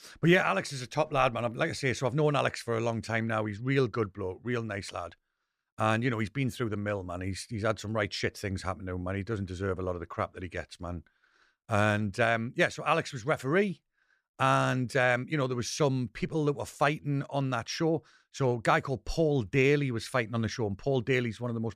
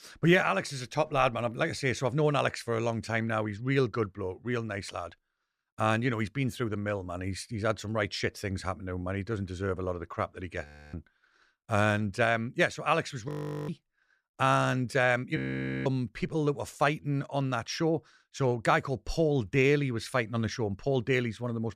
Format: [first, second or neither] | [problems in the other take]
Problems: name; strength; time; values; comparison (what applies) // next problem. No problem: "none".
first | audio freezing; at 11 s, at 13 s and at 15 s